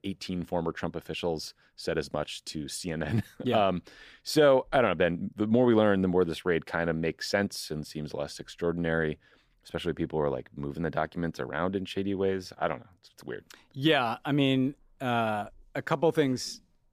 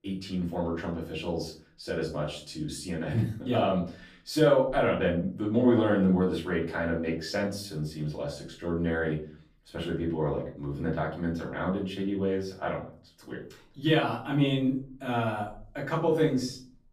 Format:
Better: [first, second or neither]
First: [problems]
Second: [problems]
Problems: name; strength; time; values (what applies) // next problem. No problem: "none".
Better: first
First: none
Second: off-mic speech; far // room echo; slight; dies away in 0.4 s